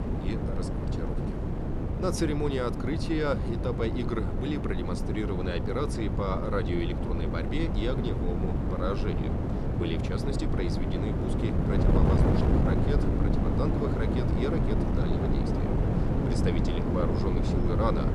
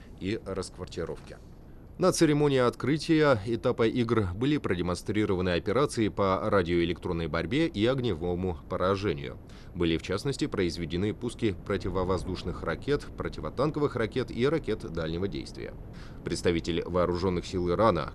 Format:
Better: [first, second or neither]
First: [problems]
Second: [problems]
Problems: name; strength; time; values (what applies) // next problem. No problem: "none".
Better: second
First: wind noise on the microphone; heavy; as loud as the speech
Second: wind noise on the microphone; occasional gusts; 25 dB below the speech